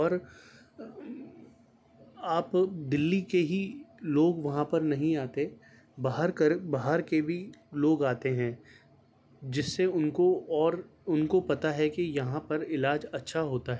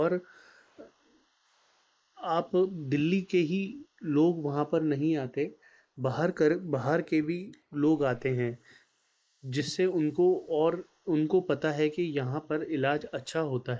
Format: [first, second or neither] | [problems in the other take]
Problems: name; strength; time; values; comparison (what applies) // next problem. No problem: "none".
first | noise reduction (neural mask model Resemble Enhance denoiser)